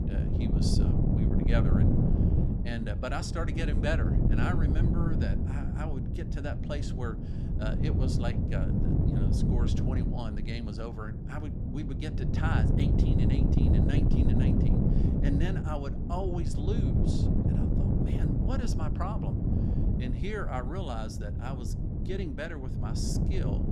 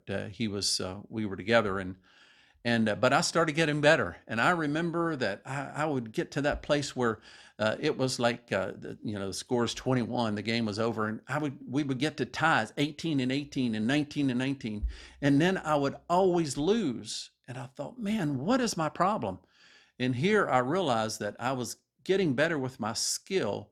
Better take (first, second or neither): second